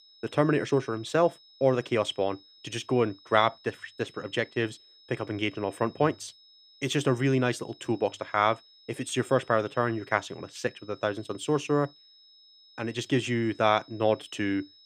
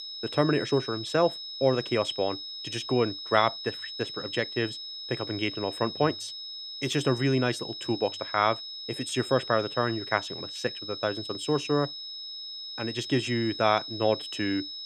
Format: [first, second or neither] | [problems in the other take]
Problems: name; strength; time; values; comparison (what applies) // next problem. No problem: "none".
first | high-pitched whine; loud; throughout; 5 kHz, 8 dB below the speech; faint in the first